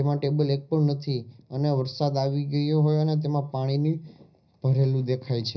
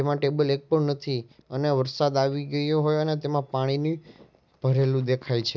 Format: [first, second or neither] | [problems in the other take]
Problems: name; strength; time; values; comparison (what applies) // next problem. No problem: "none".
second | room echo; dies away in 0.4 s